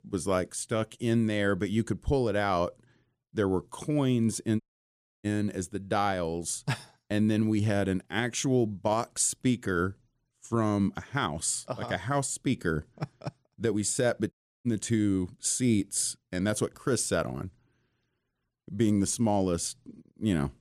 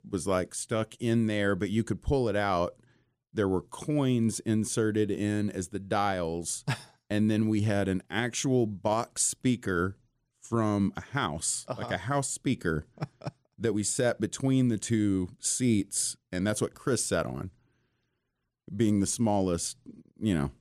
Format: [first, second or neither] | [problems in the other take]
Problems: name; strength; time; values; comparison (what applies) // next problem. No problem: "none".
second | audio cutting out; at 4.5 s for 0.5 s and at 14 s